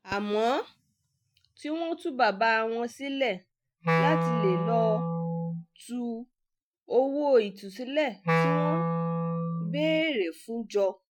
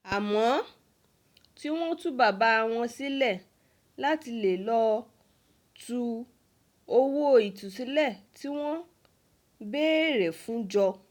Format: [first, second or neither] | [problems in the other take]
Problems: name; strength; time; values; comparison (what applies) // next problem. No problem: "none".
second | noise reduction (classical method Wiener filter)